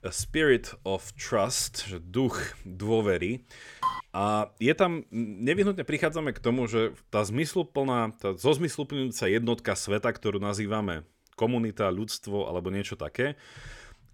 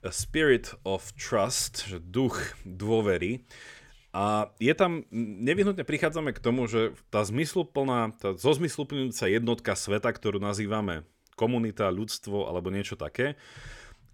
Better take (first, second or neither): second